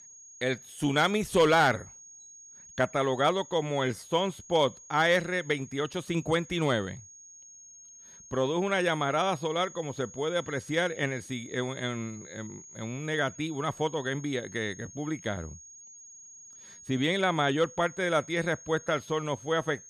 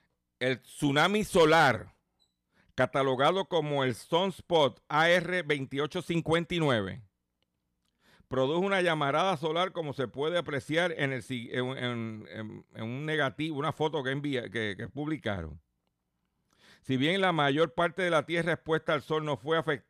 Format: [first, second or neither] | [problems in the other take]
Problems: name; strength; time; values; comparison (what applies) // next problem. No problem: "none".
second | high-pitched whine; noticeable; throughout; 6.5 kHz, 20 dB below the speech